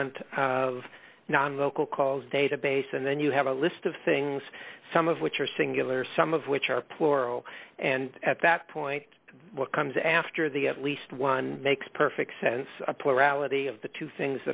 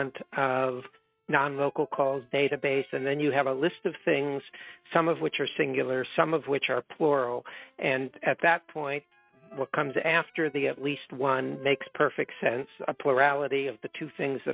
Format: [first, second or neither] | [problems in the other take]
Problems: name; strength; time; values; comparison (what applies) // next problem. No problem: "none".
first | noise reduction (neural mask model RNNoise)